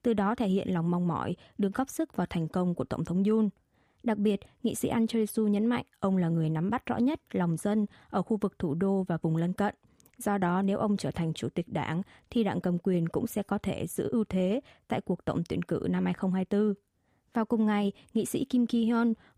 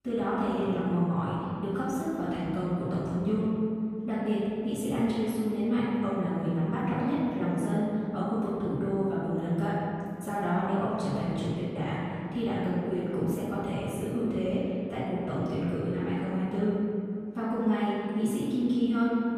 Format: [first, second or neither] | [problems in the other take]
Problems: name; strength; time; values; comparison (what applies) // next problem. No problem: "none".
first | room echo; strong; dies away in 2.3 s // off-mic speech; far